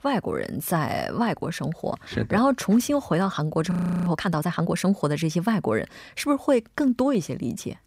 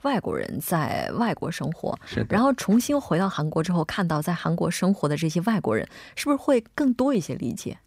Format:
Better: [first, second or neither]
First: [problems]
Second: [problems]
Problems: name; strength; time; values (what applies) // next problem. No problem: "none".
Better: second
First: audio freezing; at 3.5 s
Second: none